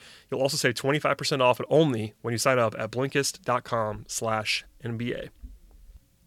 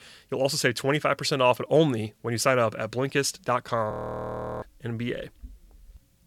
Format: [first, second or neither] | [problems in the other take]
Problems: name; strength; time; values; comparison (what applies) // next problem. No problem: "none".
first | audio freezing; at 4 s for 0.5 s